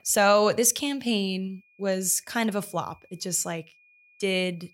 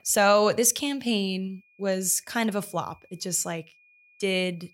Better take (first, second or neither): neither